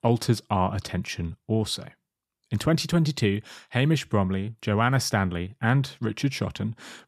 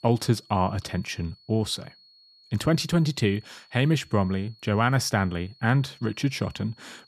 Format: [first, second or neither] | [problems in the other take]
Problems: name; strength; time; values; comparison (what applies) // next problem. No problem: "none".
first | high-pitched whine; faint; throughout; 4.5 kHz, 25 dB below the speech